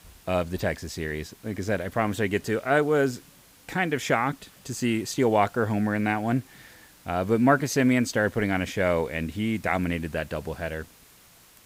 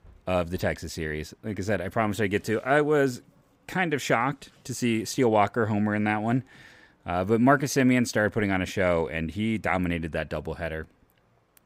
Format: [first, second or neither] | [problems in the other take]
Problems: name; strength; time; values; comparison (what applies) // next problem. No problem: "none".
second | hiss; faint; throughout; 25 dB below the speech